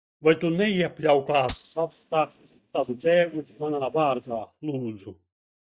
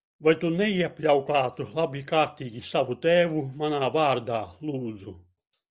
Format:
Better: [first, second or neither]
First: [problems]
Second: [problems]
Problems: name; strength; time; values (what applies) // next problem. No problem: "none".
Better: second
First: noise reduction (neural mask model DeepFilterNet 3)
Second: none